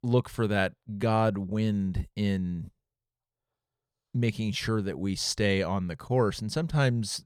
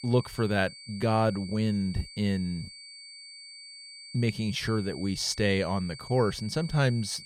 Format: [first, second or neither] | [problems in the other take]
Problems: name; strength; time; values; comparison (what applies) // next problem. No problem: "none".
first | high-pitched whine; noticeable; throughout; 4.5 kHz, 15 dB below the speech